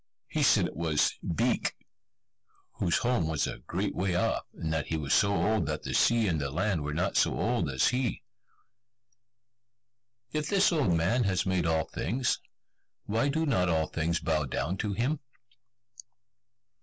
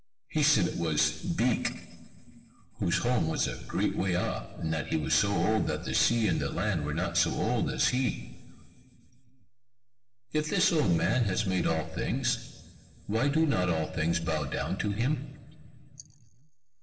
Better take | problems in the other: first | room echo; dies away in 2.9 s

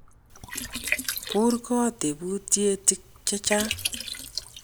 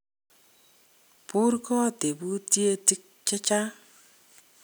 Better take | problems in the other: second | background sound (Liquid); 7 dB below the speech

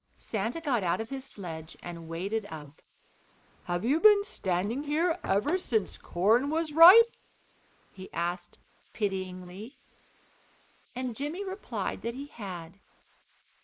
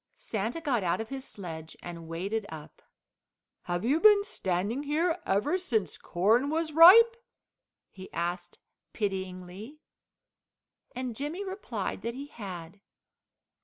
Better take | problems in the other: second | noise reduction (neural mask model Resemble Enhance denoiser)

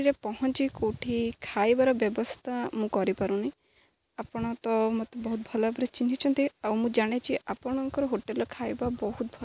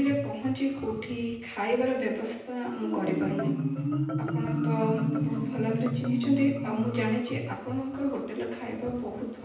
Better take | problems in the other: first | background sound (Marimba, xylophone); 3 dB below the speech // room echo; dies away in 0.9 s

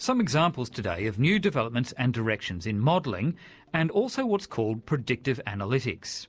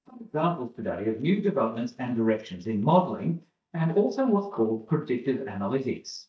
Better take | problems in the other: first | noise reduction (neural mask model DeepFilterNet 3)

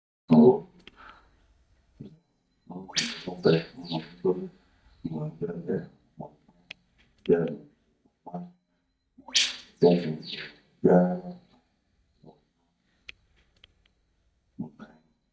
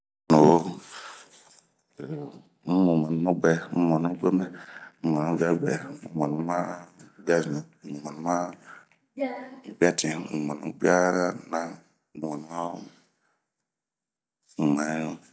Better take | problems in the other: second | noise reduction (neural mask model DeepFilterNet 3)

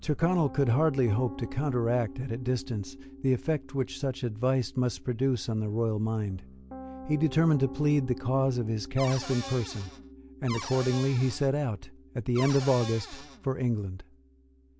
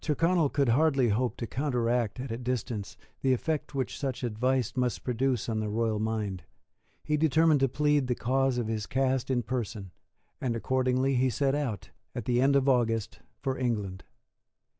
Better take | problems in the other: second | background sound (Cupboard open or close / Door + Piano); 14 dB below the speech

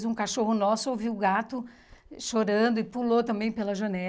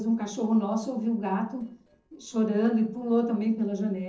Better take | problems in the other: first | noise reduction (neural separator model SepFormer DNS4)

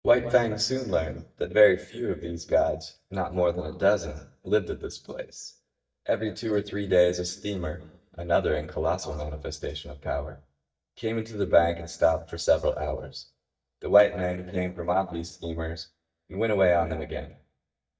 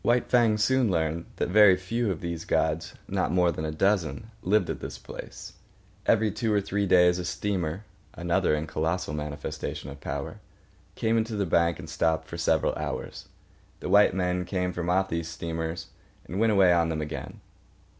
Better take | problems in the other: second | noise reduction (neural mask model DeepFilterNet 3)

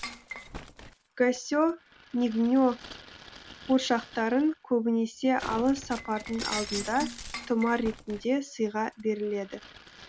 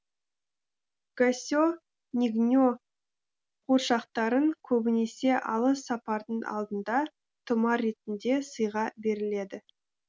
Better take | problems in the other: second | background sound (Shatter); 14 dB below the speech

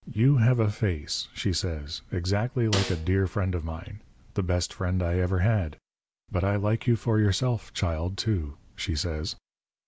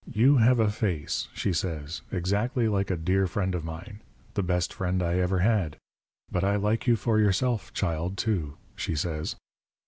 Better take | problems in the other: second | background sound (Snare drum); 9 dB below the speech

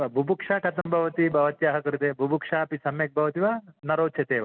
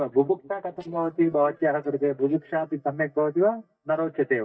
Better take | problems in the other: first | noise reduction (neural mask model DeepFilterNet 3)

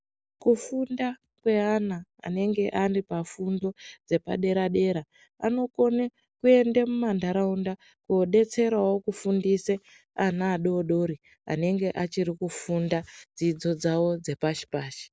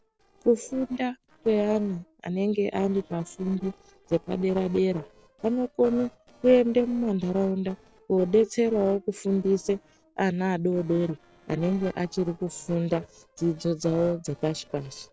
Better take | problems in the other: first | noise reduction (neural separator model SepFormer DNS4)

